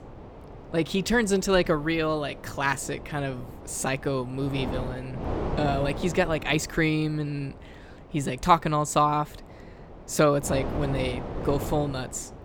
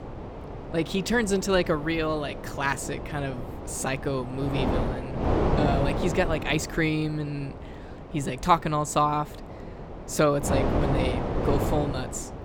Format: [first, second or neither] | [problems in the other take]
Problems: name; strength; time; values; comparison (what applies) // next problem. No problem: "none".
first | wind noise on the microphone; heavy; 6 dB below the speech; occasional gusts in the first